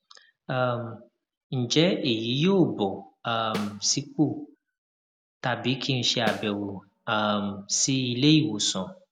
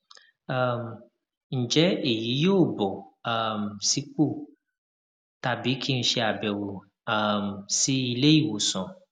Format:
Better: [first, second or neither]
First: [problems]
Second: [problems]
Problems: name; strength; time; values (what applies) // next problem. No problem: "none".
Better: second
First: background sound (Snare drum); 13 dB below the speech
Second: none